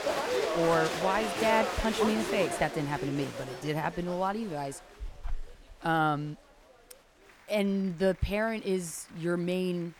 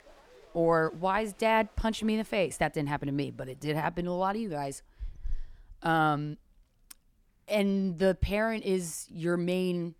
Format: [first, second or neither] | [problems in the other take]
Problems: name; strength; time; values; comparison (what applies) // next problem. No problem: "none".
second | crowd noise; loud; throughout; 2 dB below the speech; faint in the second